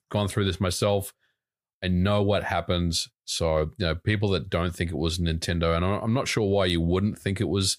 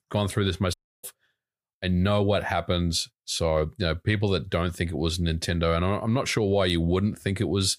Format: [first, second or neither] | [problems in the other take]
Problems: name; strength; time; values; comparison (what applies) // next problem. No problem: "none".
first | audio cutting out; at 0.5 s